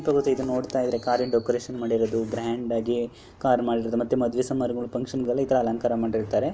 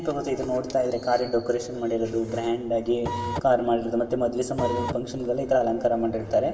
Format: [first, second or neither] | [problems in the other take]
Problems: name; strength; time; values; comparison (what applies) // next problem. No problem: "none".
first | background sound (Printer); 3 dB below the speech // room echo; dies away in 2.4 s